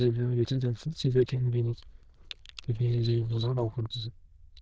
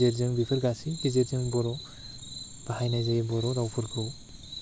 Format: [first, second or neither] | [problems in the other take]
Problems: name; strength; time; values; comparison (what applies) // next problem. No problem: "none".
second | noise reduction (neural diffusion model UNIVERSE++)